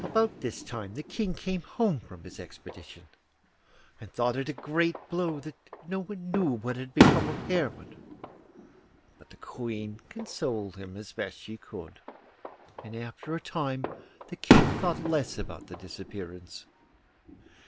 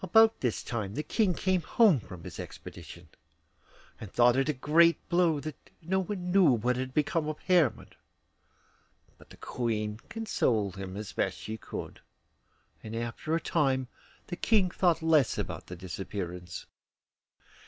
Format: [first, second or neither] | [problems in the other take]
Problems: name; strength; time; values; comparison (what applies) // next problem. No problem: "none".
second | background sound (Fireworks); 1 dB above the speech